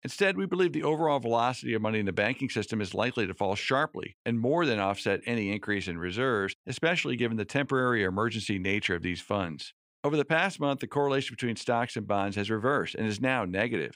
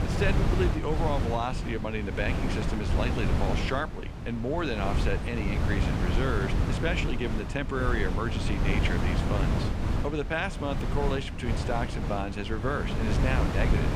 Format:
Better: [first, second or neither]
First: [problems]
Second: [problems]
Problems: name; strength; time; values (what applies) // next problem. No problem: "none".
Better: first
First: none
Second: wind noise on the microphone; heavy; 4 dB below the speech